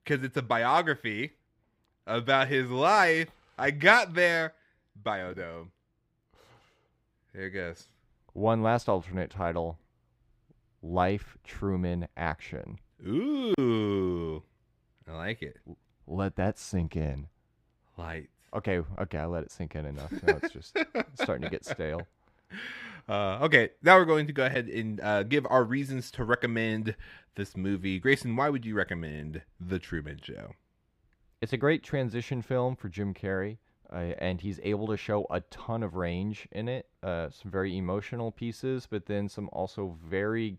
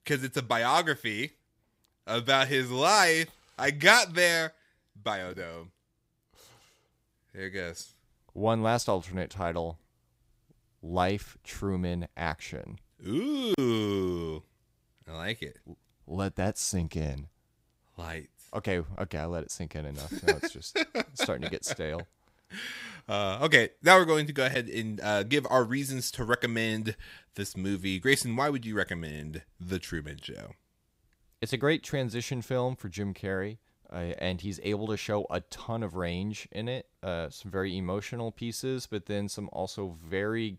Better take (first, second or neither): second